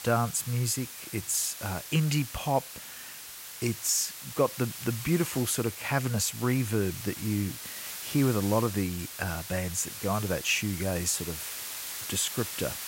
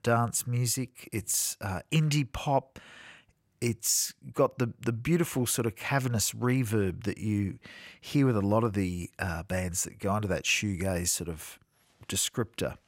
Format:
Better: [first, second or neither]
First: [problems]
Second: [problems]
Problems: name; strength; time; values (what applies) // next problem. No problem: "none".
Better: second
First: hiss; loud; throughout; 8 dB below the speech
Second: none